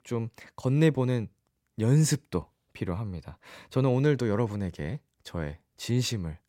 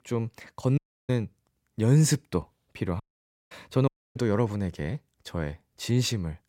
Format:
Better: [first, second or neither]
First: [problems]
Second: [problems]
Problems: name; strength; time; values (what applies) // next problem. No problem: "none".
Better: first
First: none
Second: audio cutting out; at 1 s, at 3 s for 0.5 s and at 4 s